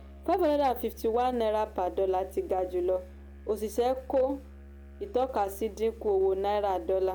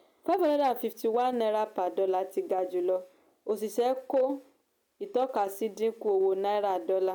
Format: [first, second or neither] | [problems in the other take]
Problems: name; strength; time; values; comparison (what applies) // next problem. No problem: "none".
second | background sound (Musical instrument); 18 dB below the speech